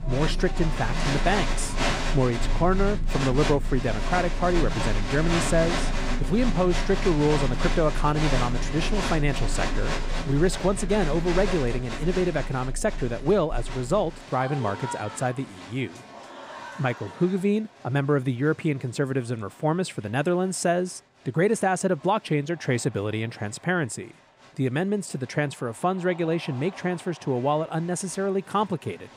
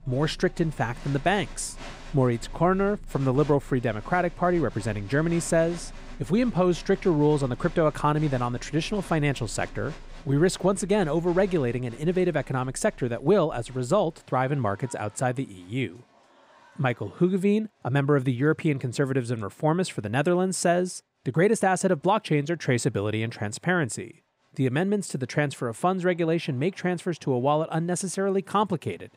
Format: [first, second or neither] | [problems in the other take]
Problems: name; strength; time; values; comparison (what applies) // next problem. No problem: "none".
second | crowd noise; loud; throughout; 4 dB below the speech; faint in the second